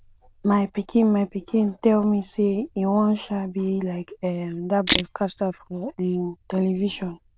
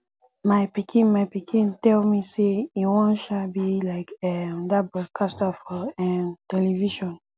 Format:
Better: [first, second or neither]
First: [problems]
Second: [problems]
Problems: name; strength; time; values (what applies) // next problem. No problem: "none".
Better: second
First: noise reduction (neural diffusion model UNIVERSE++)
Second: none